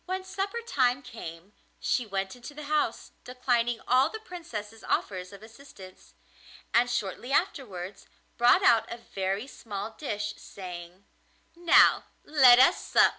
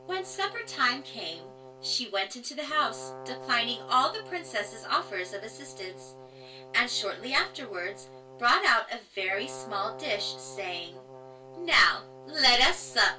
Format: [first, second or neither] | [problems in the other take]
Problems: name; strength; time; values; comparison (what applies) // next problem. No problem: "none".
first | background sound (Brass instrument); 16 dB below the speech // room echo; dies away in 0.1 s